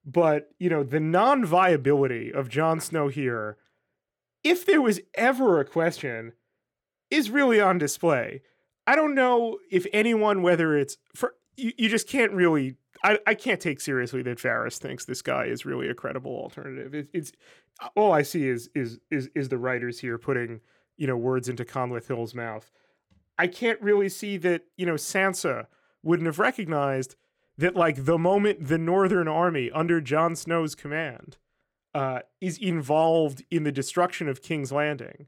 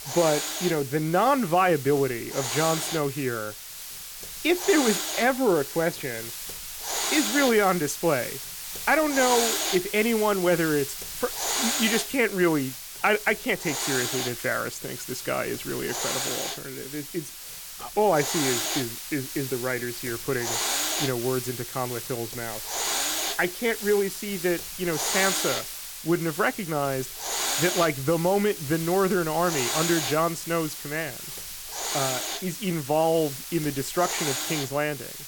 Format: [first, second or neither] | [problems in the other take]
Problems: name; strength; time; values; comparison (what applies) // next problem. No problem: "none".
first | hiss; loud; throughout; 4 dB below the speech